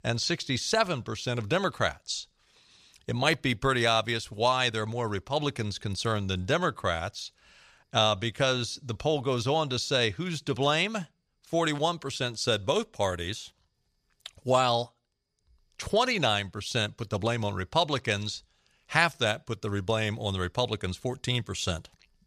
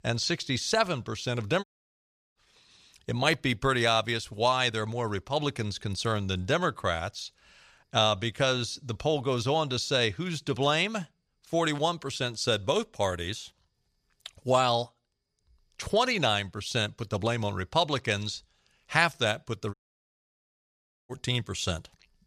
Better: first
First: none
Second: audio cutting out; at 1.5 s for 0.5 s and at 20 s for 1.5 s

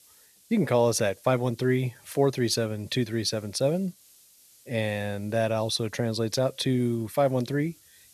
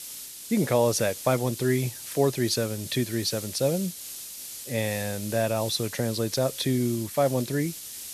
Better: first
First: hiss; faint; throughout; 25 dB below the speech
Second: hiss; loud; throughout; 10 dB below the speech

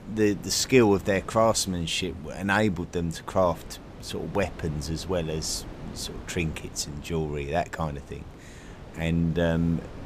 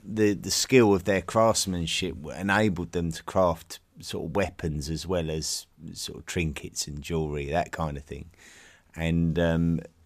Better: second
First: wind noise on the microphone; occasional gusts; 20 dB below the speech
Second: none

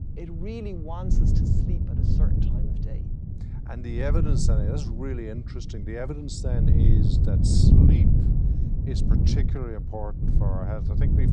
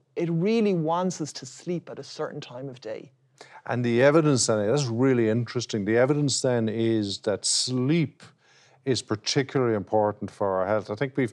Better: second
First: wind noise on the microphone; heavy; 1 dB above the speech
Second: none

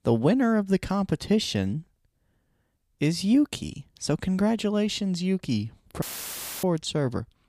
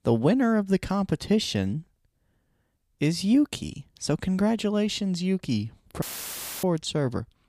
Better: neither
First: audio cutting out; filled with static; at 6 s for 0.5 s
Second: audio cutting out; filled with static; at 6 s for 0.5 s

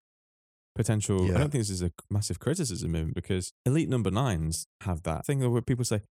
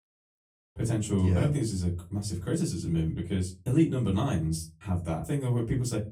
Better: first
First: none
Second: off-mic speech; far // room echo; very slight; dies away in 0.2 s

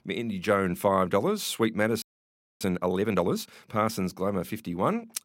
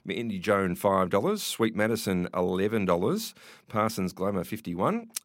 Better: second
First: audio freezing; at 2 s for 0.5 s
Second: none

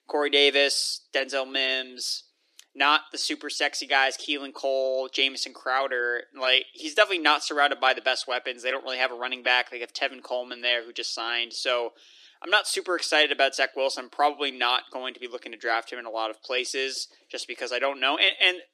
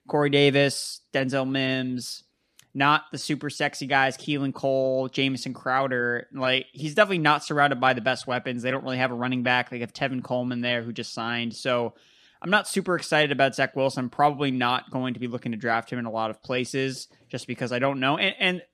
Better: second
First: thin; somewhat; fading below 300 Hz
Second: none

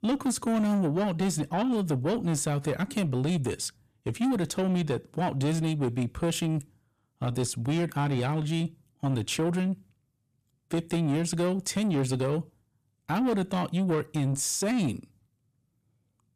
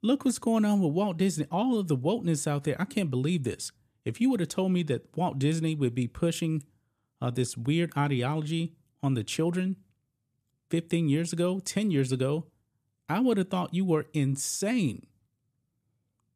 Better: second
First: distortion; slight; 10 dB below the speech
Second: none

